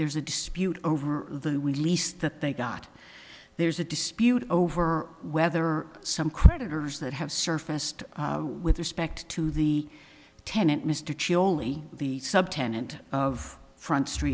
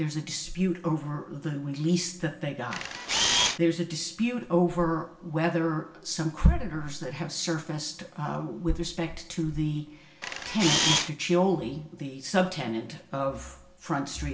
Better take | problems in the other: first | background sound (Camera); 2 dB above the speech // room echo; dies away in 0.4 s

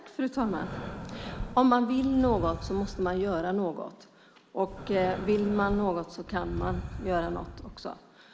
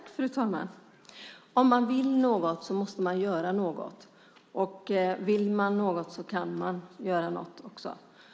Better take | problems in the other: second | background sound (Breathing); 10 dB below the speech

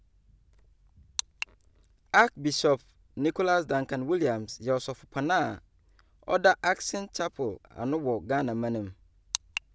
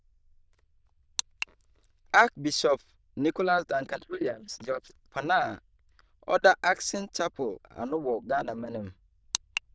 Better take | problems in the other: first | noise reduction (neural diffusion model UNIVERSE++)

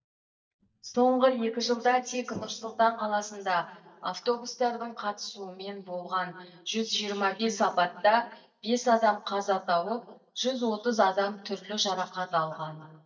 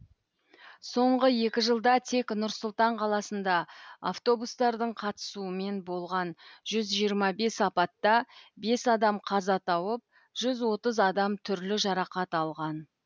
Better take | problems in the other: second | noise reduction (neural mask model DeepFilterNet 3)

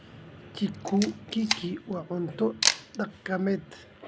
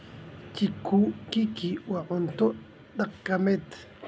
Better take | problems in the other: second | background sound (Camera); 3 dB below the speech

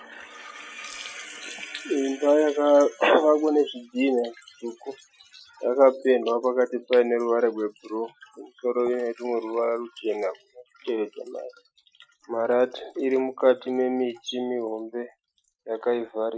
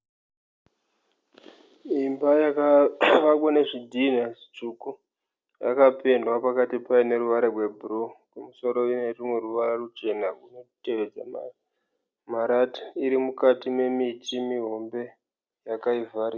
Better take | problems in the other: second | noise reduction (classical method Wiener filter)

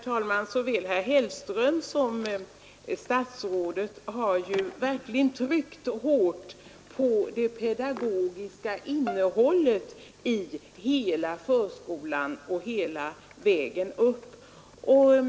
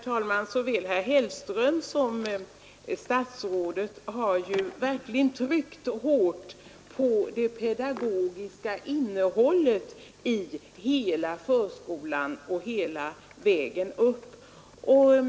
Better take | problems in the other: second | background sound (Bowed string instrument); 16 dB below the speech

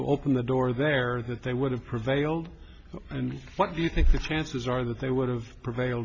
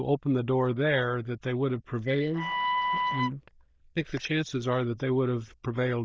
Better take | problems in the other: first | noise reduction (neural diffusion model UNIVERSE++)

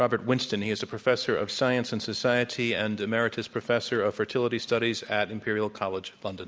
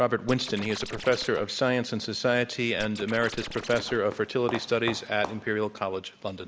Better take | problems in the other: first | background sound (Scratching (performance technique) + Walk, footsteps); 12 dB below the speech

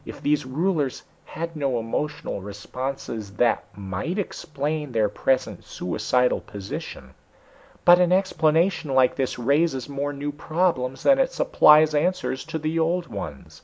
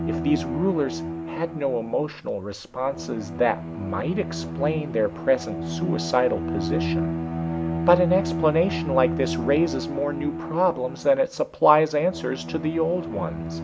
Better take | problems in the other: first | background sound (Bowed string instrument); 5 dB below the speech

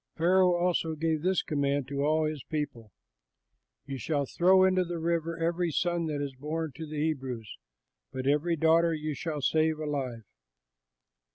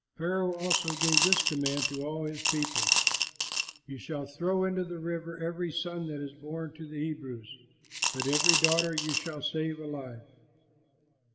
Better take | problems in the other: first | background sound (Coin (dropping) / Glass); 4 dB above the speech // room echo; dies away in 2.1 s

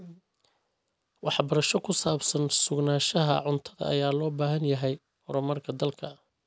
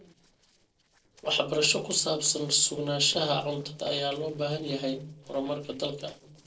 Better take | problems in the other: first | noise reduction (neural separator model SepFormer DNS4)

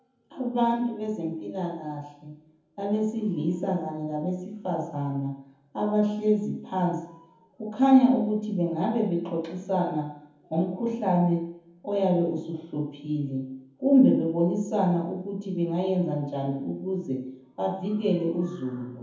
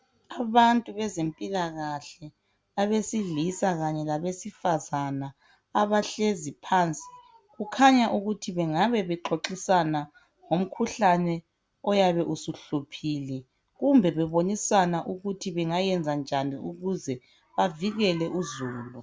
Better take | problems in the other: second | room echo; dies away in 0.7 s

